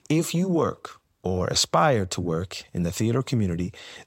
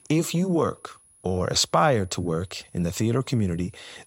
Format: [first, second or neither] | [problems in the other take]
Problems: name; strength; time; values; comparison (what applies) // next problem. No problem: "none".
first | high-pitched whine; faint; throughout; 10.5 kHz, 30 dB below the speech